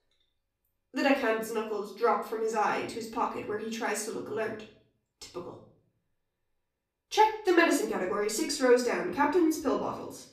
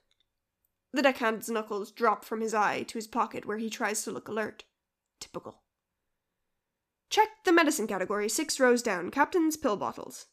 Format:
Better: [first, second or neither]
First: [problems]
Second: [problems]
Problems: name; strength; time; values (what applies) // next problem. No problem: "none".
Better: second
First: off-mic speech; far // room echo; slight; dies away in 0.5 s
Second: none